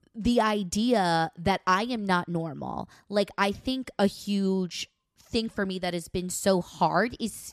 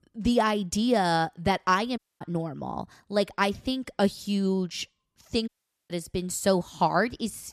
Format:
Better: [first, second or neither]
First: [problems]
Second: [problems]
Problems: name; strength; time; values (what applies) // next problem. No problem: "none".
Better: first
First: none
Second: audio cutting out; at 2 s and at 5.5 s